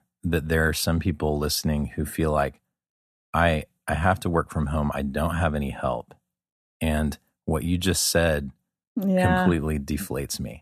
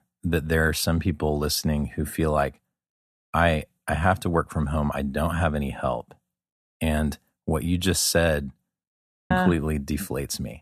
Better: first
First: none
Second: audio freezing; at 9 s

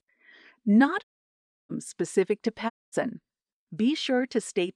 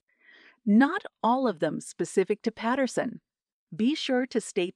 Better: second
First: audio cutting out; at 1 s for 0.5 s and at 2.5 s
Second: none

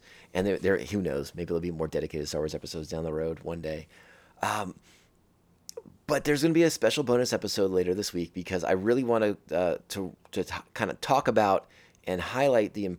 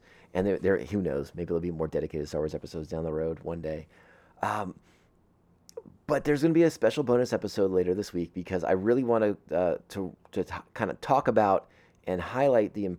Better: first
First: none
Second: muffled; slightly; fading above 2 kHz

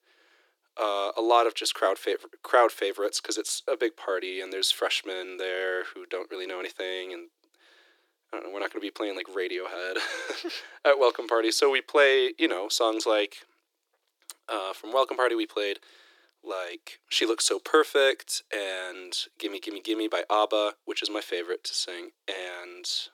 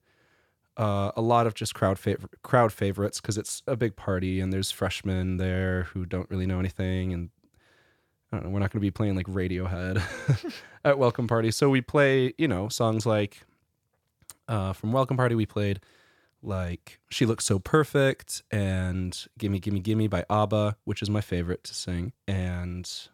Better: second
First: thin; very; fading below 350 Hz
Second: none

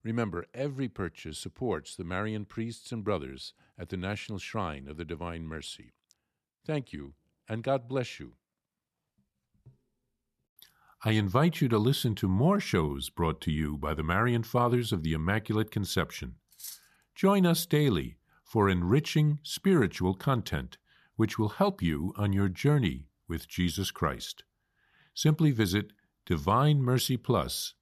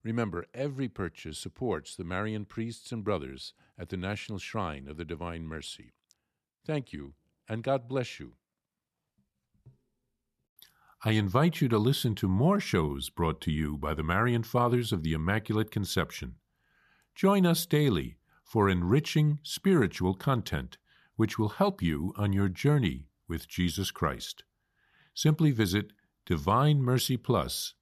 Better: second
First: clattering dishes; faint; at 17 s; peak 15 dB below the speech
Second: none

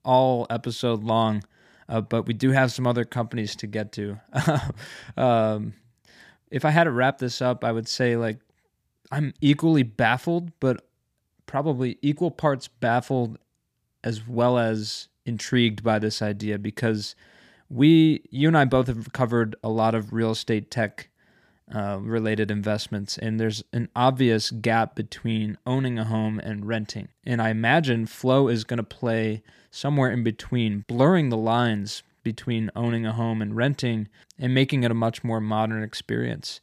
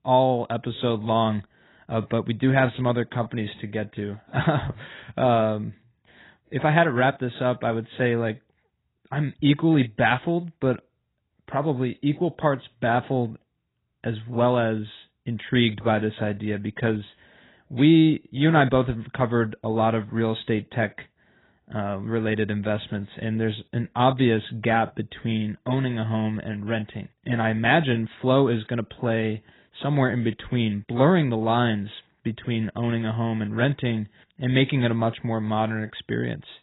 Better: first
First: none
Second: garbled, watery; badly; nothing above 4 kHz

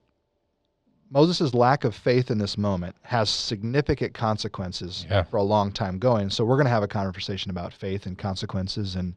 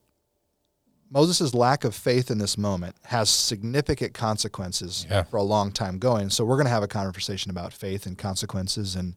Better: second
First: muffled; very slightly; fading above 4 kHz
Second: none

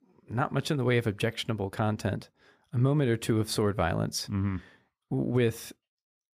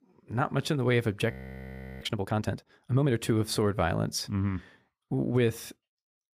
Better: first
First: none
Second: audio freezing; at 1.5 s for 0.5 s

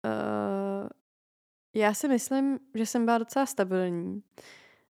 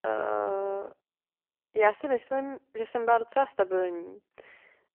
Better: first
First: none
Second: phone-call audio; poor line

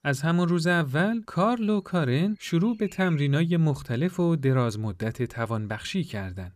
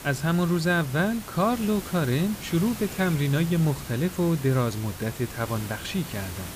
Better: first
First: none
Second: hiss; noticeable; throughout; 10 dB below the speech

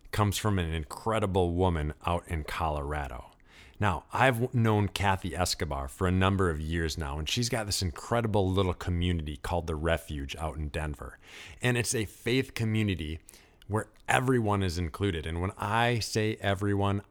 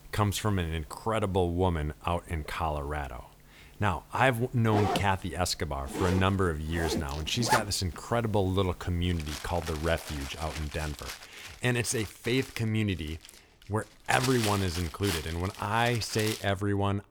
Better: first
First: none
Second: household noises; loud; throughout; 6 dB below the speech

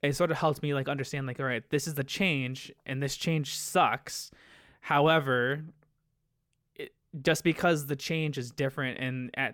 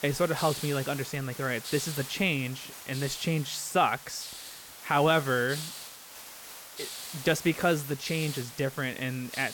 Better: first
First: none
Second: hiss; noticeable; throughout; 10 dB below the speech

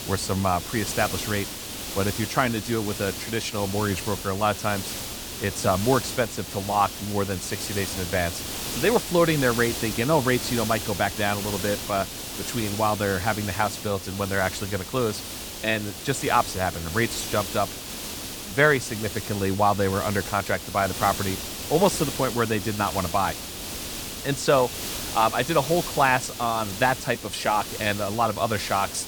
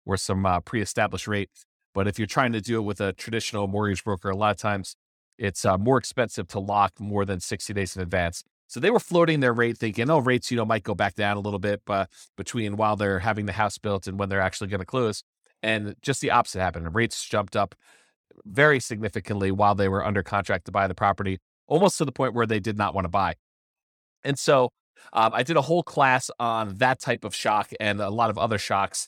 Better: second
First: hiss; loud; throughout; 7 dB below the speech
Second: none

